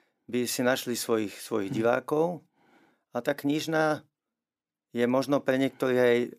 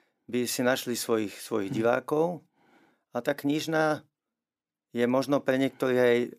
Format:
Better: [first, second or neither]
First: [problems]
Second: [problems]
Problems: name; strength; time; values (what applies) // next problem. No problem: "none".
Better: neither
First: none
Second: none